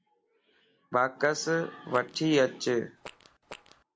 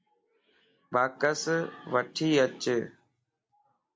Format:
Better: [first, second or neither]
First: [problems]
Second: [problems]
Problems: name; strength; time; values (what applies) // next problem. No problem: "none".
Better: second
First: background sound (Fart); 19 dB below the speech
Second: none